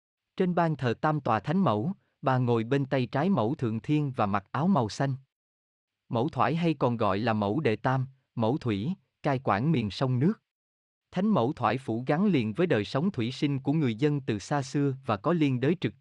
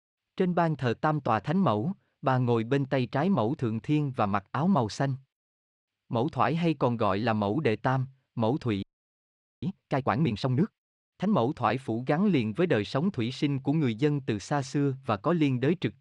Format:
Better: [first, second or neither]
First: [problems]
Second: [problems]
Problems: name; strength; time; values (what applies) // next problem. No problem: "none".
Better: first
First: none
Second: audio freezing; at 9 s for 1 s